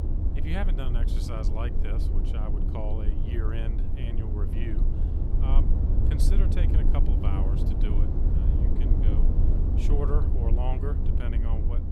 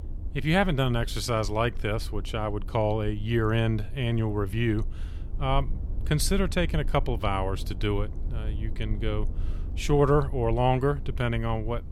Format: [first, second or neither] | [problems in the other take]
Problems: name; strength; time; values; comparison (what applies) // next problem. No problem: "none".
second | low rumble; loud; throughout; 1 dB below the speech; faint in the second